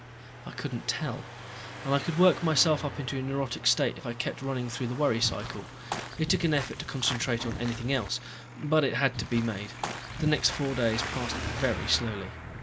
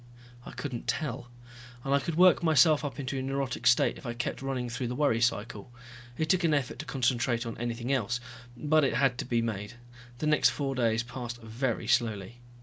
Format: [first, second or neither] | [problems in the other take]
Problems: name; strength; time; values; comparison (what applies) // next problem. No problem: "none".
second | background sound (Traffic noise, roadway noise + Walk, footsteps / Bird vocalization, bird call, bird song); 10 dB below the speech